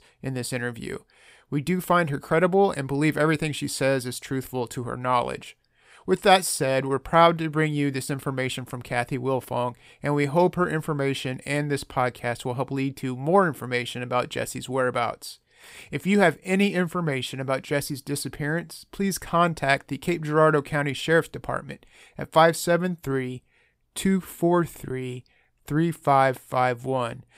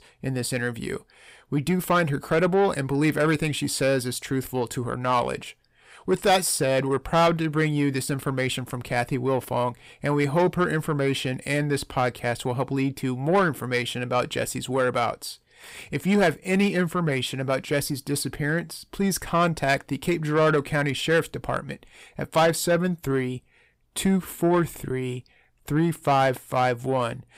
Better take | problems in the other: first | distortion; slight; 10 dB below the speech

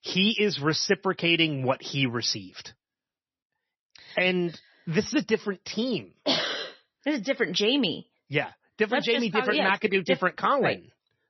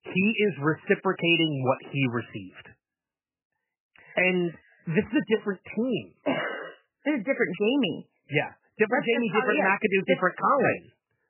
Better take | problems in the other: first | garbled, watery; badly; nothing above 3 kHz; slightly in the first

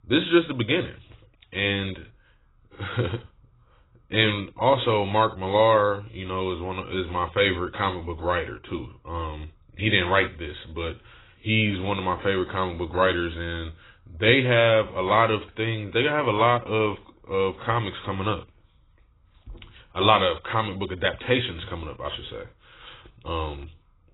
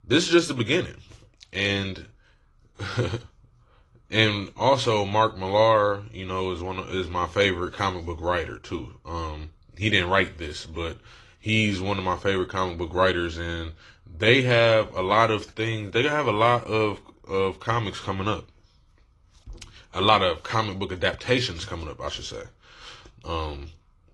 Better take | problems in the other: second | garbled, watery; badly; nothing above 4 kHz; slightly in the second

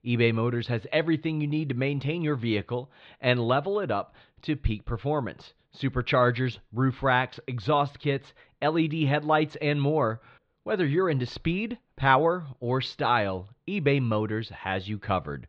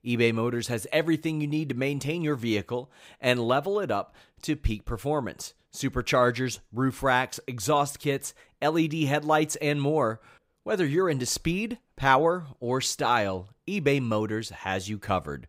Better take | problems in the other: second | muffled; slightly; fading above 4 kHz

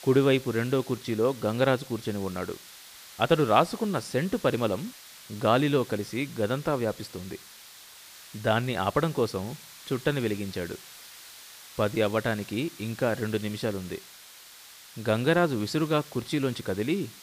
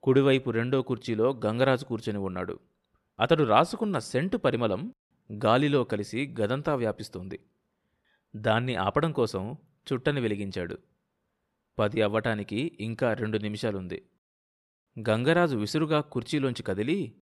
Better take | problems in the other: second | hiss; noticeable; throughout; 20 dB below the speech

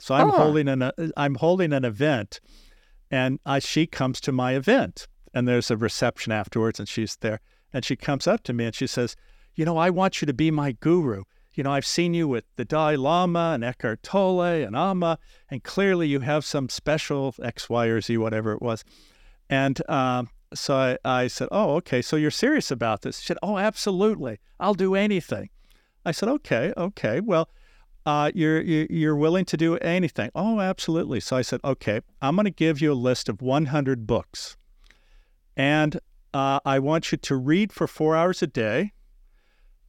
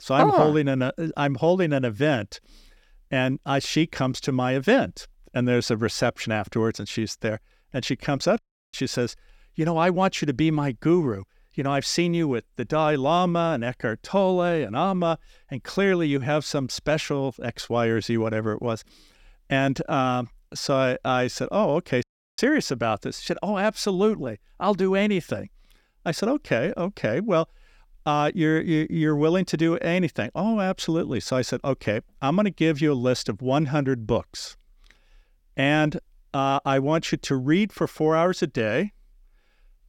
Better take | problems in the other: first | audio cutting out; at 8.5 s and at 22 s

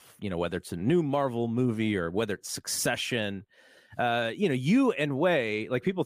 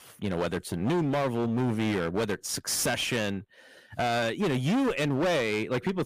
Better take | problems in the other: first | distortion; heavy; 24% of the sound clipped

